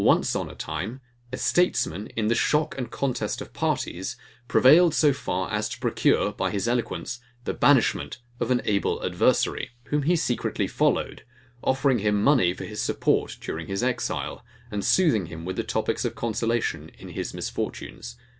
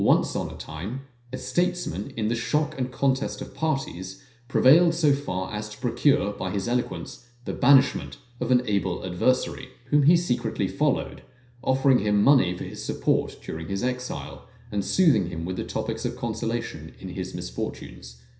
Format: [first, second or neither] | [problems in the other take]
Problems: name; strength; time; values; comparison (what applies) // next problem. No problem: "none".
first | room echo; dies away in 0.5 s